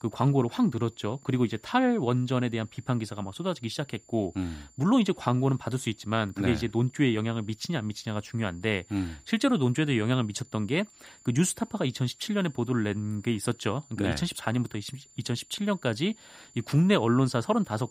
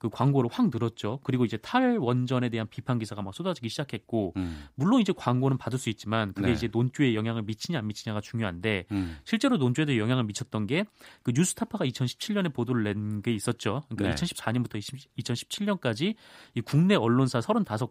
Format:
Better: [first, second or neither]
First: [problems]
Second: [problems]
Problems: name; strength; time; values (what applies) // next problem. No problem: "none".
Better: second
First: high-pitched whine; faint; throughout; 7 kHz, 25 dB below the speech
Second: none